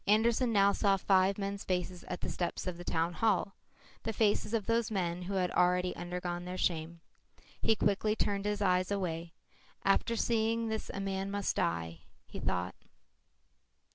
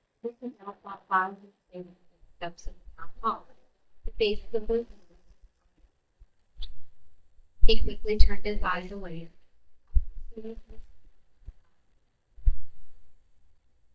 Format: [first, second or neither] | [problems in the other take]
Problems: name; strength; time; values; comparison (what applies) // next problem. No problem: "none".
first | noise reduction (neural mask model DeepFilterNet 3)